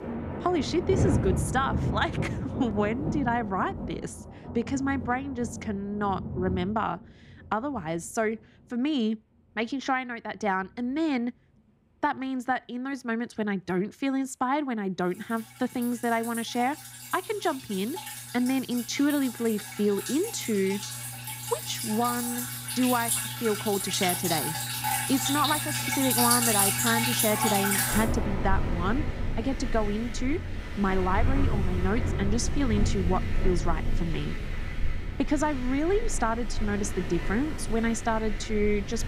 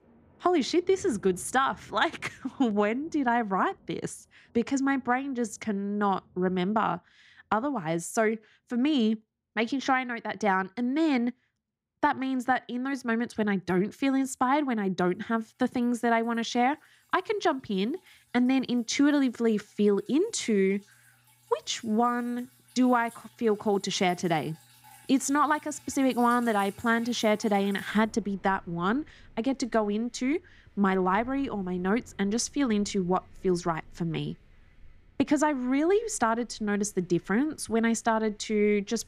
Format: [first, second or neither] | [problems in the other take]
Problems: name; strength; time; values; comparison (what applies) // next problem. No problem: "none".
second | rain or running water; loud; throughout; 1 dB below the speech; faint in the second